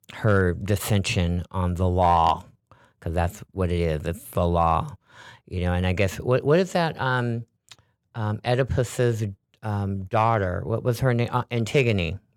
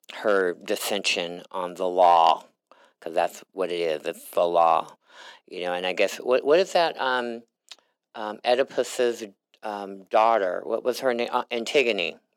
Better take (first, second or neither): first